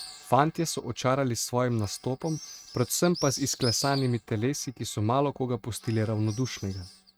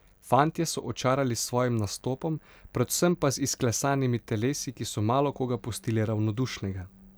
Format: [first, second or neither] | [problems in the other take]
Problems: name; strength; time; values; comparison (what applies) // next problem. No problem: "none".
second | noise reduction (neural mask model RNNoise)